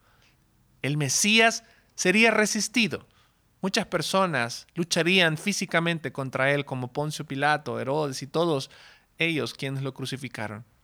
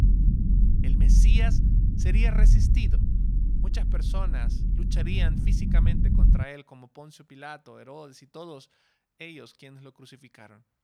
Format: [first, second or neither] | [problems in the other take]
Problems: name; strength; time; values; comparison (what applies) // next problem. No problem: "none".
first | low rumble; loud; until 6.5 s; 1 dB below the speech